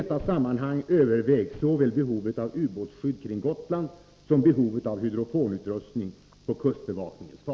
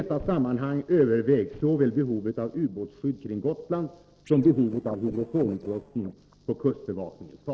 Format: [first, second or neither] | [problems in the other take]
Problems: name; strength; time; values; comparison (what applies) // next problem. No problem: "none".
first | noise reduction (neural separator model SepFormer DNS4)